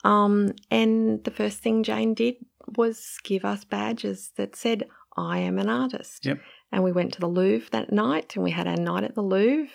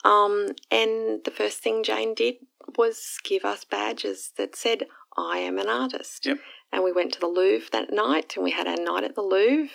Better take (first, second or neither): first